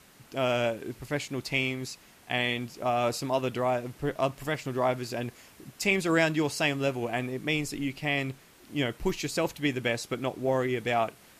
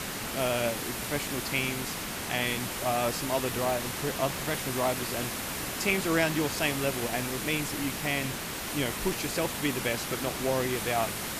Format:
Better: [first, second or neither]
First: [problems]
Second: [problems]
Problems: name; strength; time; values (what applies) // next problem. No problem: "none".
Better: first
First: hiss; faint; throughout; 25 dB below the speech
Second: hiss; loud; throughout; 2 dB below the speech